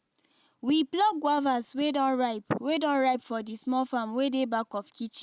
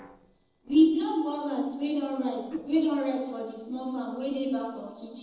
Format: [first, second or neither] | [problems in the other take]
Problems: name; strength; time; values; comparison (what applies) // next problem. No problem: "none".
first | noise reduction (neural separator model SepFormer DNS4)